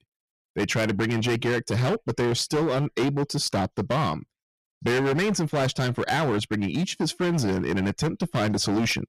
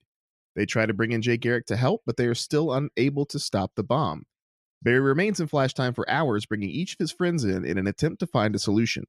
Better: second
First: distortion; heavy; 21% of the sound clipped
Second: none

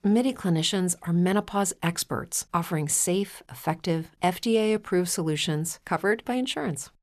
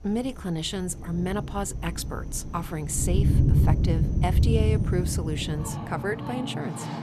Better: first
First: none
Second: rain or running water; very loud; throughout; 5 dB above the speech

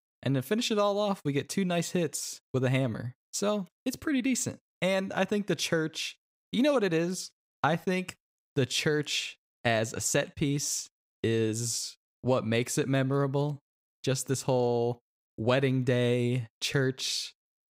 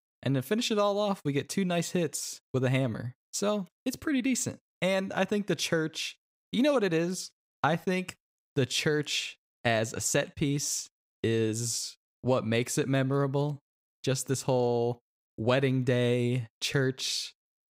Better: neither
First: none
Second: none

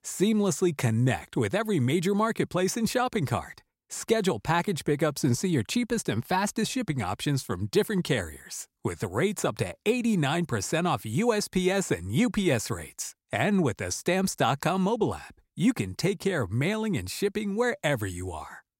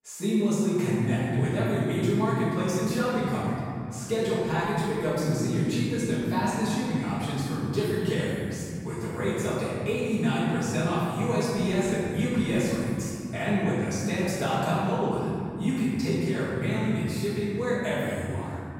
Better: first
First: none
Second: off-mic speech; far // room echo; strong; dies away in 2.5 s

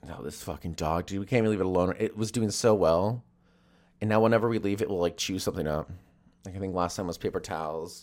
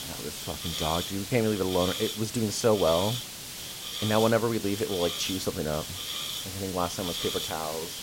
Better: first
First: none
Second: hiss; loud; throughout; 4 dB below the speech

